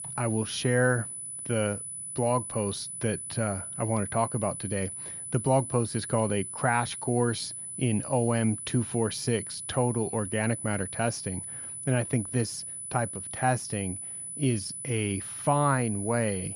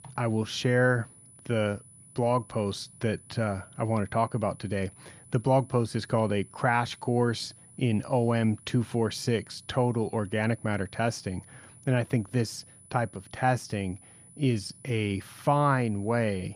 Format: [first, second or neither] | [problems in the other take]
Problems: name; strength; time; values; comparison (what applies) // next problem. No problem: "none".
second | high-pitched whine; loud; throughout; 10 kHz, 6 dB below the speech; faint in the second